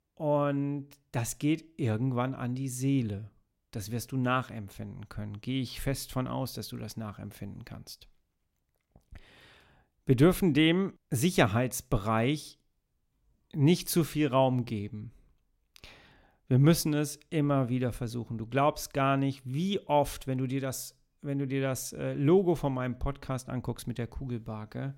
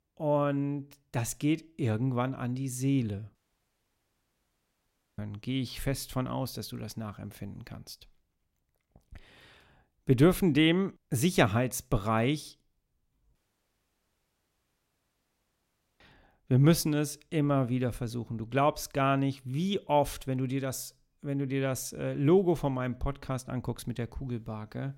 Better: first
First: none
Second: audio cutting out; at 3.5 s for 2 s and at 13 s for 2.5 s

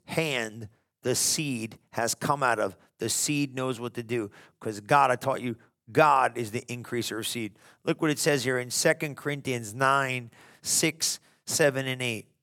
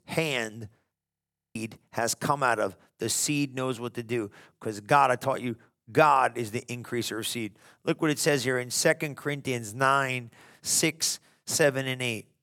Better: first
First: none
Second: audio freezing; at 1 s for 0.5 s

